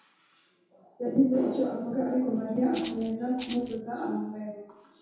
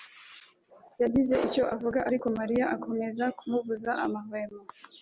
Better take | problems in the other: second | background sound (Rattle (instrument)); 16 dB below the speech // room echo; dies away in 0.8 s

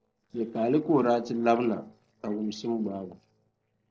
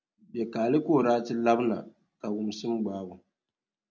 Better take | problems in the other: second | noise reduction (neural separator model SepFormer DNS4)

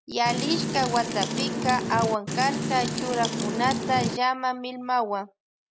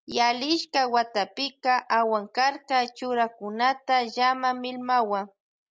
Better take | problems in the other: second | background sound (Wind); 2 dB below the speech

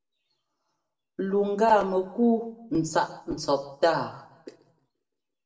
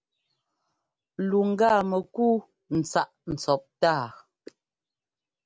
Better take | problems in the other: second | room echo; dies away in 0.7 s

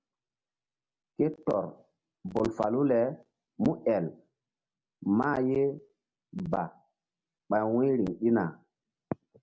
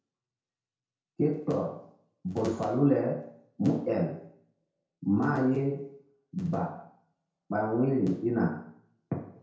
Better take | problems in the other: first | room echo; dies away in 0.5 s

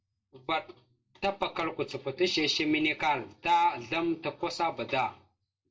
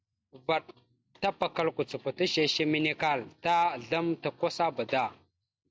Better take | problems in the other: second | room echo; dies away in 0.2 s

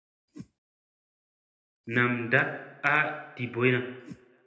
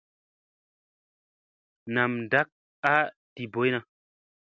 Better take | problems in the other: second | background sound (Whoosh, swoosh, swish); 17 dB below the speech // room echo; dies away in 0.8 s

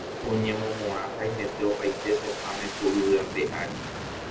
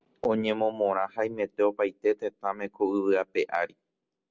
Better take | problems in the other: second | background sound (Aircraft); 6 dB below the speech // room echo; dies away in 0.2 s

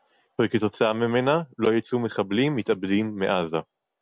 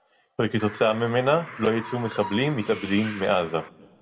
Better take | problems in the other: first | background sound (Bird); 14 dB below the speech // room echo; dies away in 1.4 s

